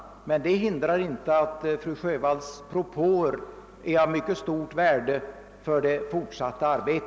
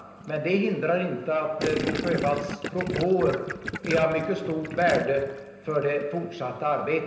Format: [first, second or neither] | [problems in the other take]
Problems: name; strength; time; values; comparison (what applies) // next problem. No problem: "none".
first | background sound (Gurgling); 8 dB below the speech // room echo; dies away in 0.9 s